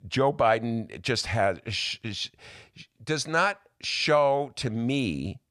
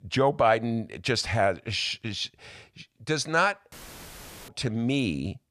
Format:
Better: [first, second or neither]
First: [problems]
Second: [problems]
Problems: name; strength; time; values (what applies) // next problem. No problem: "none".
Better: first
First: none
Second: audio cutting out; filled with static; at 3.5 s for 1 s